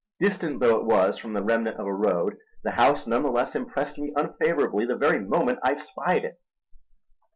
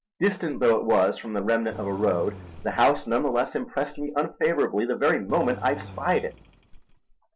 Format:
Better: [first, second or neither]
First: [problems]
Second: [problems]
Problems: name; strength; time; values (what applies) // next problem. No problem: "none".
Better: first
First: none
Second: background sound (Engine); 17 dB below the speech